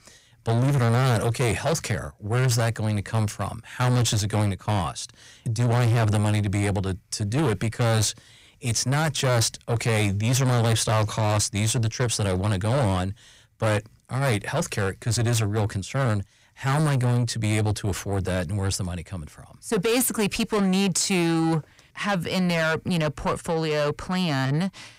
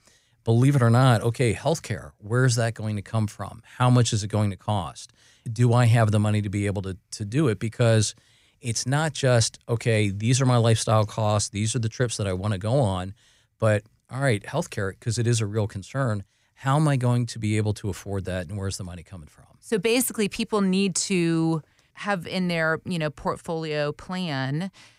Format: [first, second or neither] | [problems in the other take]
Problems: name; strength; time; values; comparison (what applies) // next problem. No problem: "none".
second | distortion; heavy; 7 dB below the speech